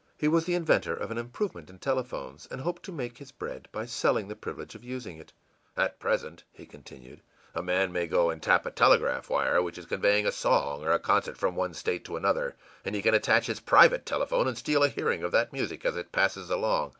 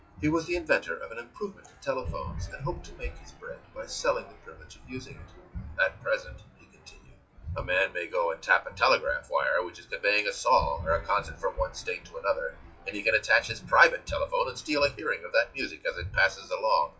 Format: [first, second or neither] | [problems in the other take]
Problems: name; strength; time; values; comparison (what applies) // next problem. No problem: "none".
first | noise reduction (classical method WPE with log-MMSE)